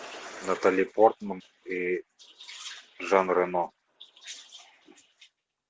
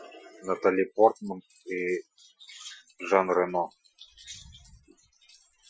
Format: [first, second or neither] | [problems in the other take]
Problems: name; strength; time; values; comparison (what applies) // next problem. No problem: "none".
first | noise reduction (classical method Wiener filter)